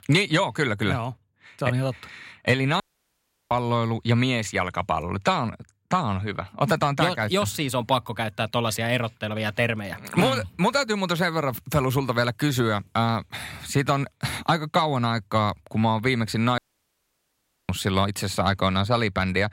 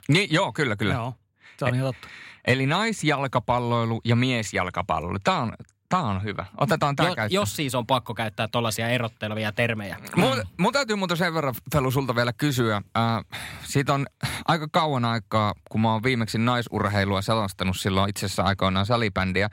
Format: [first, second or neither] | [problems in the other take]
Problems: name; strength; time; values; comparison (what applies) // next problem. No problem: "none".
second | audio cutting out; at 3 s for 0.5 s and at 17 s for 1 s